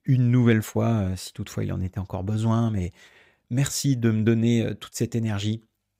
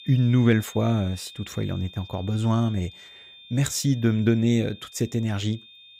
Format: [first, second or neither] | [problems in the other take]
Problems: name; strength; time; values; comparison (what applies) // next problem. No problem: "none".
first | high-pitched whine; noticeable; throughout; 3.5 kHz, 20 dB below the speech